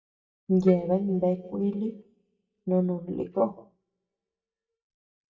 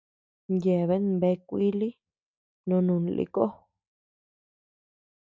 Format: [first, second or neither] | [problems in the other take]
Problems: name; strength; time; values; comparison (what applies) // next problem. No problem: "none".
second | noise reduction (neural mask model DeepFilterNet 3)